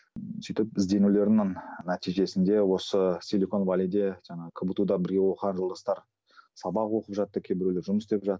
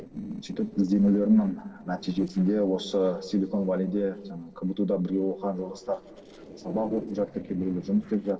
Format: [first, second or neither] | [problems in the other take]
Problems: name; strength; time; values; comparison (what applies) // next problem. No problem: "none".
first | noise reduction (neural separator model SepFormer DNS4)